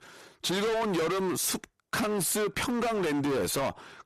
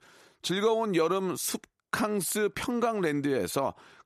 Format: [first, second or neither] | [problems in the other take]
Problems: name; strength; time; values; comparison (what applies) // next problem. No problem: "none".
second | distortion; heavy; 31% of the sound clipped